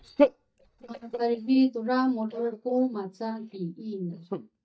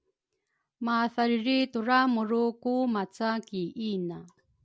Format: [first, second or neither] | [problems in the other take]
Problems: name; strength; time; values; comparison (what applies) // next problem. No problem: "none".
second | noise reduction (neural mask model DeepFilterNet 3)